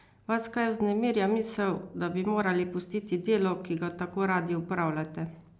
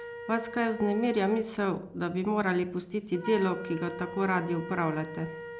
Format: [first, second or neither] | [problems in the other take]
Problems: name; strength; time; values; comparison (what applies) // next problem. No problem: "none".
first | background sound (Wind instrument, woodwind instrument); 12 dB below the speech